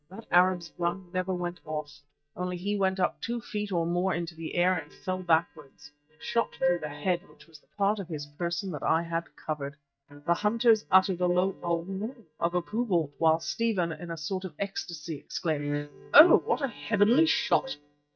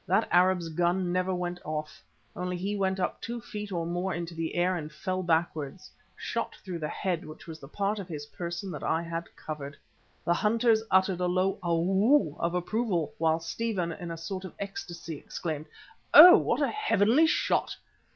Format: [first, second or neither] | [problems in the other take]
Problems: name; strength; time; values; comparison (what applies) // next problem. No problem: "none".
second | noise reduction (neural mask model DeepFilterNet 3)